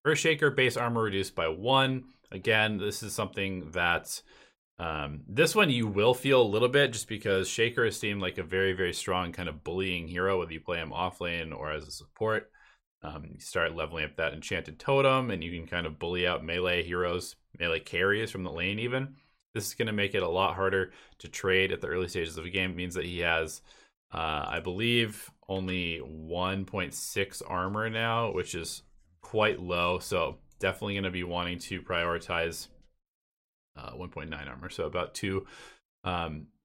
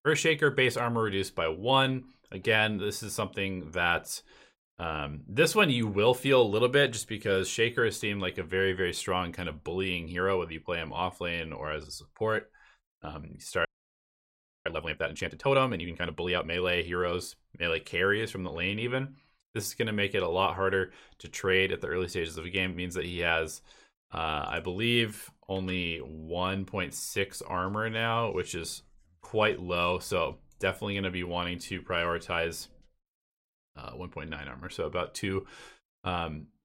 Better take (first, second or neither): first